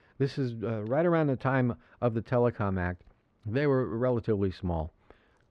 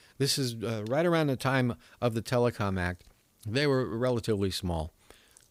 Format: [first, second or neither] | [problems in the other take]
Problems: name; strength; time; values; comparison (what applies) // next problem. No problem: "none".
second | muffled; very; fading above 1.5 kHz